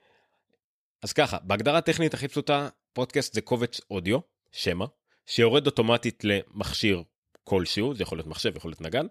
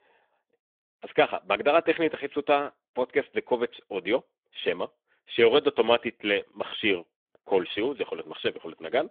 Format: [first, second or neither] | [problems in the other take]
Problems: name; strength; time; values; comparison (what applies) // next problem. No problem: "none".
first | phone-call audio; nothing above 3.5 kHz